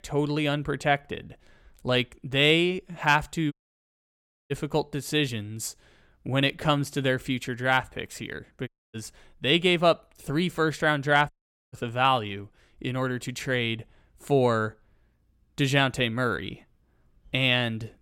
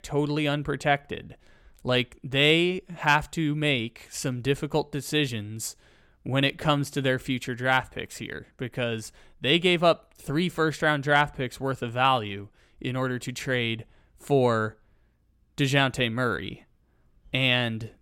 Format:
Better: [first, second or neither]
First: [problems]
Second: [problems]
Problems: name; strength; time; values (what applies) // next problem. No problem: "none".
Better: second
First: audio cutting out; at 3.5 s for 1 s, at 8.5 s and at 11 s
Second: none